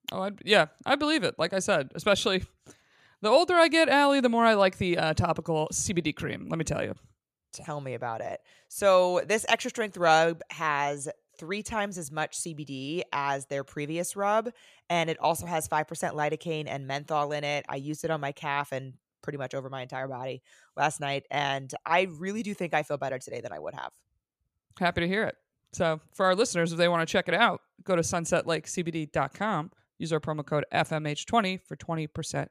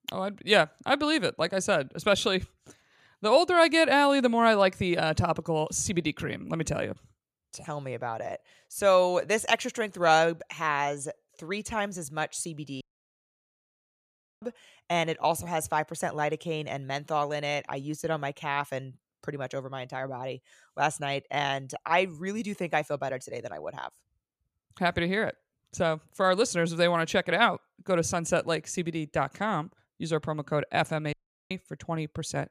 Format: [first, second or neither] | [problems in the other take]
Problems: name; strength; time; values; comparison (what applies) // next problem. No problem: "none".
first | audio cutting out; at 13 s for 1.5 s and at 31 s